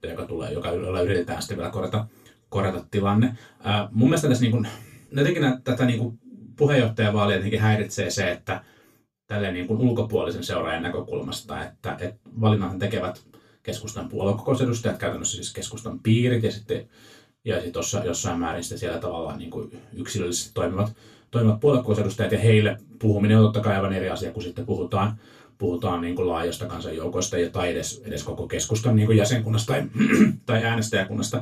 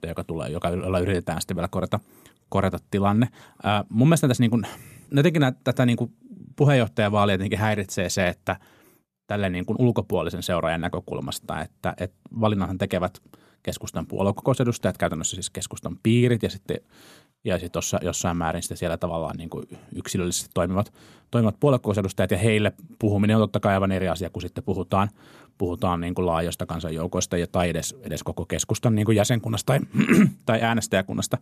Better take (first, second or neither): second